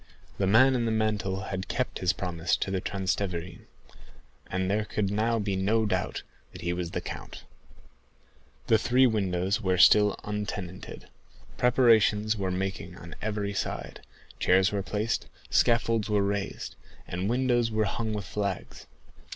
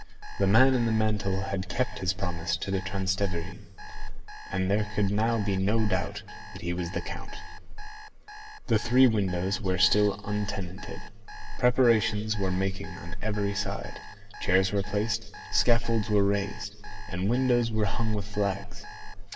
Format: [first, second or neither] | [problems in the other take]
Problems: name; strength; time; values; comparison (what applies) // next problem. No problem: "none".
first | background sound (Alarm); 20 dB below the speech // room echo; dies away in 2.7 s